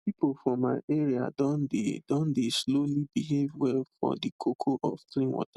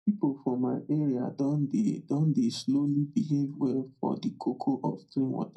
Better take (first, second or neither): first